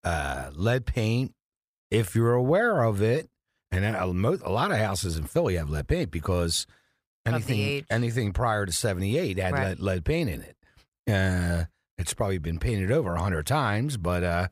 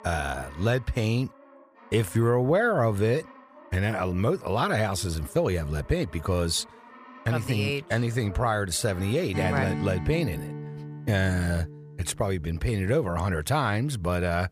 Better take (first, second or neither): first